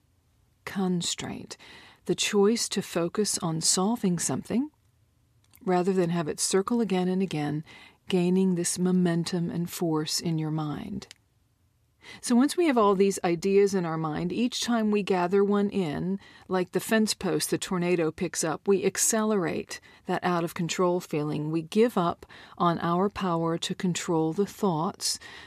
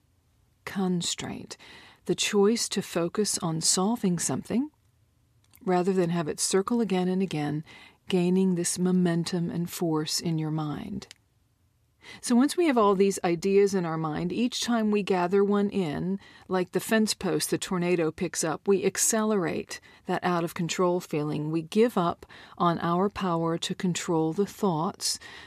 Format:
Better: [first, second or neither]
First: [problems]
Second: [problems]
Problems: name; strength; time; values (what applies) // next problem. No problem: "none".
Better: neither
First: none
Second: none